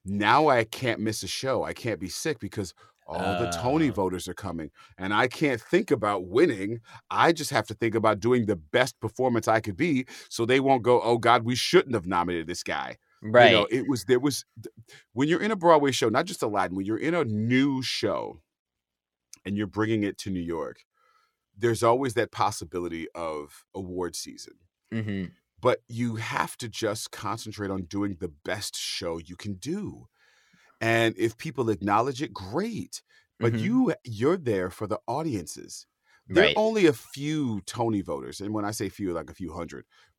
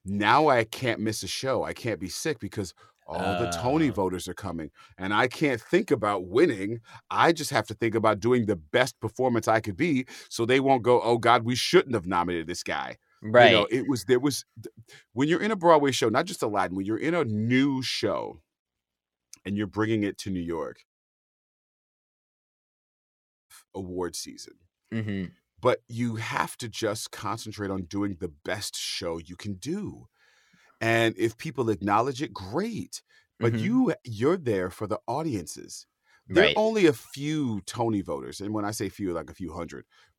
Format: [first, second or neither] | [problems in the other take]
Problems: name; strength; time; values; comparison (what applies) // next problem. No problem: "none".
first | audio cutting out; at 21 s for 2.5 s